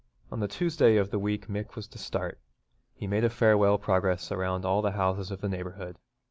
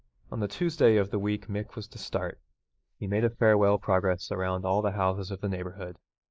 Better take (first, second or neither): first